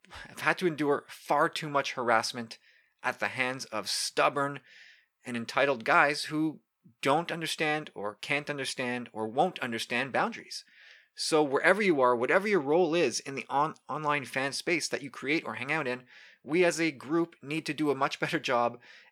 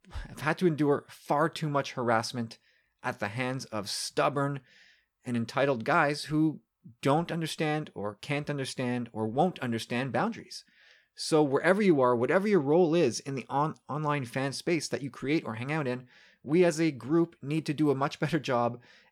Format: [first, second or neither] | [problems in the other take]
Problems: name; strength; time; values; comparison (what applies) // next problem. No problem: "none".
second | thin; very slightly; fading below 1 kHz